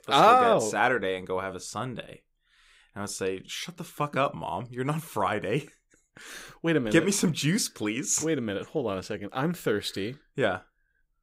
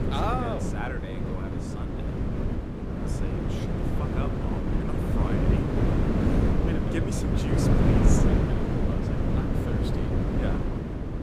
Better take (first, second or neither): first